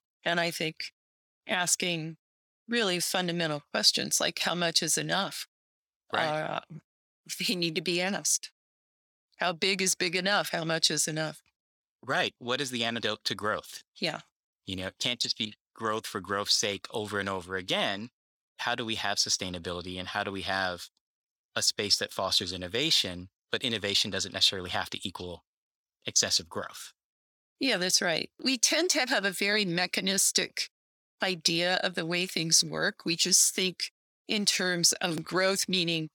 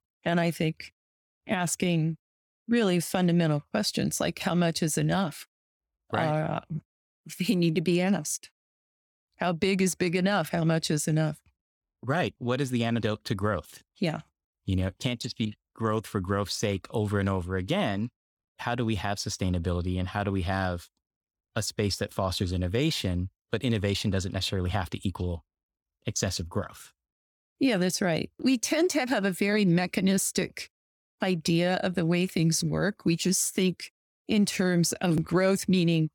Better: second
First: thin; somewhat; fading below 650 Hz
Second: none

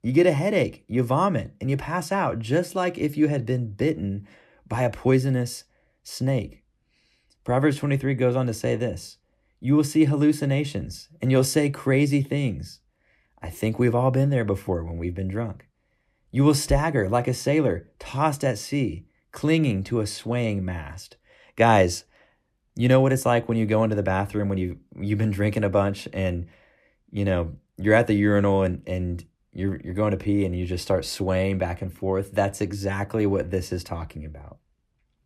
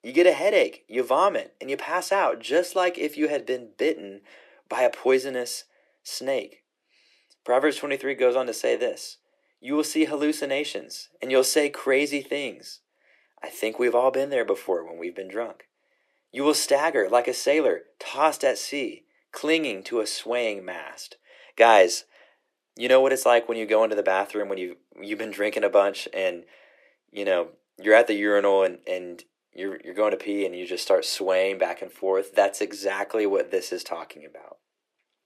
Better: first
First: none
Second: thin; very; fading below 400 Hz

